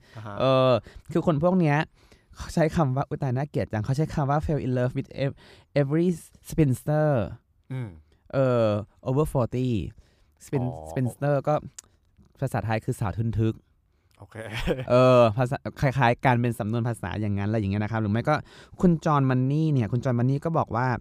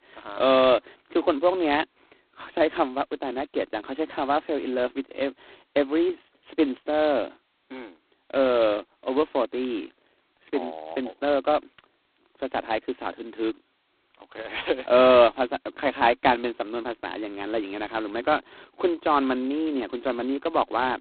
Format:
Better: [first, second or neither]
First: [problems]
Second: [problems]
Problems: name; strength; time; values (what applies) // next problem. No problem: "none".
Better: first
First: none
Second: phone-call audio; poor line; nothing above 4 kHz